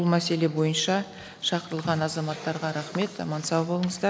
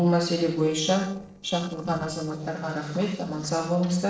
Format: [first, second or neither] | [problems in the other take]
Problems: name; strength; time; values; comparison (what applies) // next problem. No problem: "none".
first | noise reduction (neural separator model SepFormer DNS4)